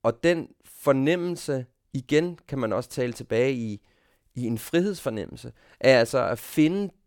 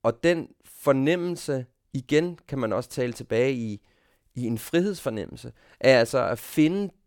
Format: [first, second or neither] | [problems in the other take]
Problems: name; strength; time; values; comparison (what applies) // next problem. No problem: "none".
neither | none